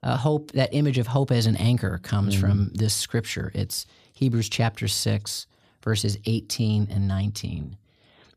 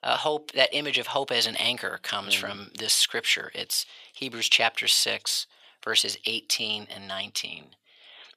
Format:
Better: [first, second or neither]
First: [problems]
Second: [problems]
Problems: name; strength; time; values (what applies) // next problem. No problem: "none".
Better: first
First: none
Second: thin; very; fading below 700 Hz